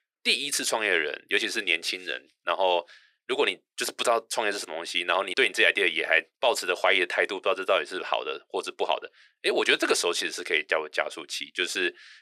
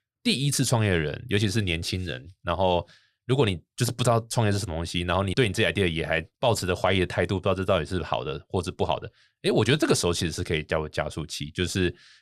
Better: second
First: thin; very; fading below 350 Hz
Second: none

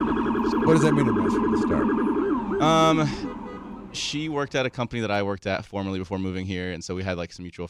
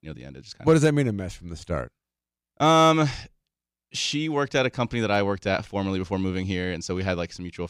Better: second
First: siren; loud; until 4 s; peak 3 dB above the speech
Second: none

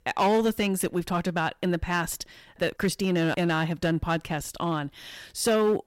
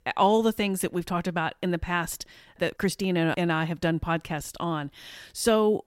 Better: second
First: distortion; slight; 5% of the sound clipped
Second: none

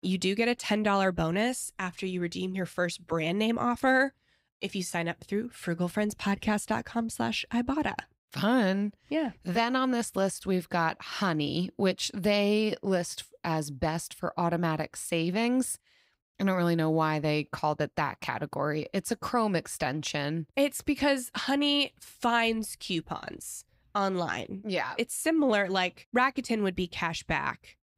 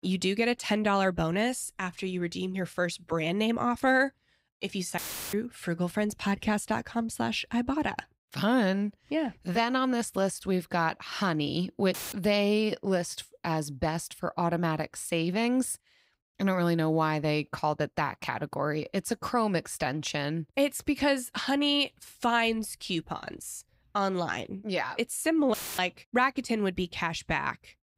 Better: first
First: none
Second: audio cutting out; filled with static; at 5 s, at 12 s and at 26 s

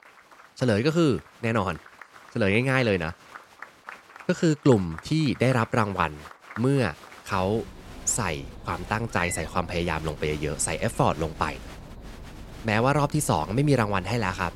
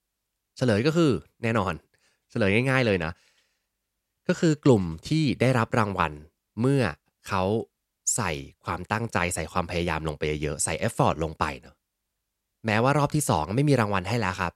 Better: second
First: crowd noise; noticeable; throughout; 20 dB below the speech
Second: none

